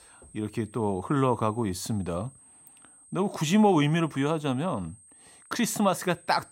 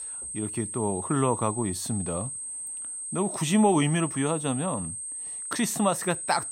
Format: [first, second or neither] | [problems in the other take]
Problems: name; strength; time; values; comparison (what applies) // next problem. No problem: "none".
first | high-pitched whine; loud; throughout; 8 kHz, 5 dB below the speech; faint in the first